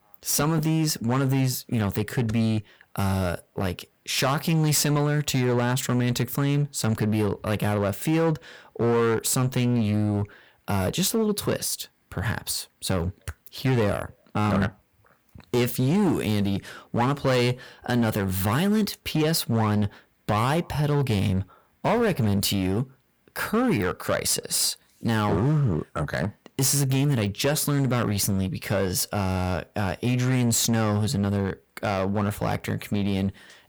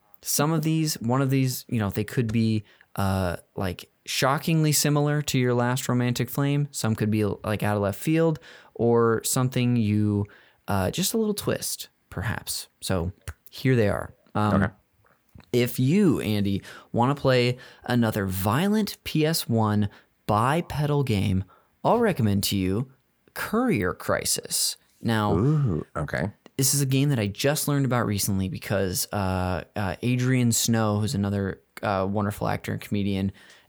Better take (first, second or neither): second